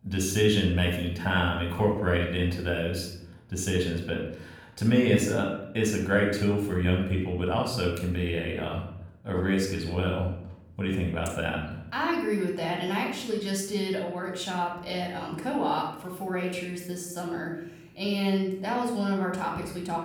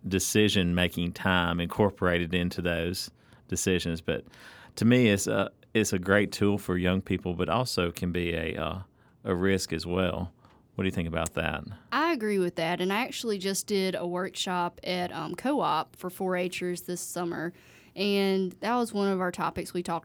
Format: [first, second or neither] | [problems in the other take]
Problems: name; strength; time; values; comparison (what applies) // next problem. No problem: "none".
second | off-mic speech; somewhat distant // room echo; noticeable; dies away in 0.6 s